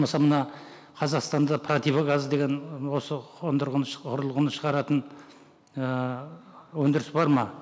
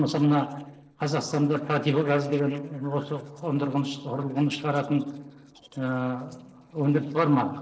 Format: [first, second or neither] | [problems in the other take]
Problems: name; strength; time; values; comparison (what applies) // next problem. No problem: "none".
first | noise reduction (neural separator model SepFormer DNS4)